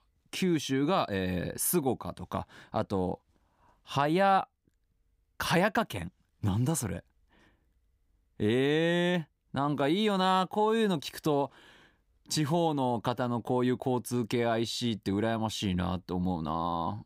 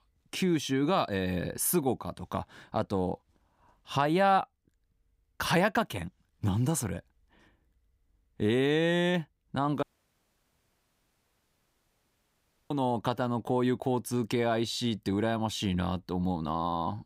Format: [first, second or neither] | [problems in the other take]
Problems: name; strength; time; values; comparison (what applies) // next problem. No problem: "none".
first | audio cutting out; at 10 s for 3 s